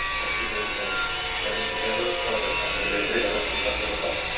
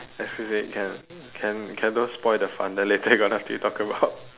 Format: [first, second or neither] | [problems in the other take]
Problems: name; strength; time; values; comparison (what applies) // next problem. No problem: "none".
second | background sound (Sawing); 5 dB above the speech // room echo; dies away in 0.7 s